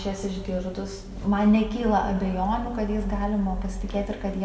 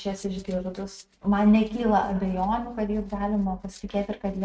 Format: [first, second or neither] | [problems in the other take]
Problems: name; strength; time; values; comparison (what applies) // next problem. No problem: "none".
first | noise reduction (neural mask model RNNoise)